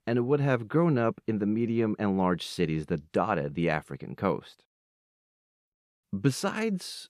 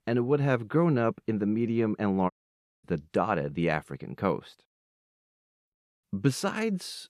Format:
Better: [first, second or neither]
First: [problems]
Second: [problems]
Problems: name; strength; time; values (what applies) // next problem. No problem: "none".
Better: first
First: none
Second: audio cutting out; at 2.5 s for 0.5 s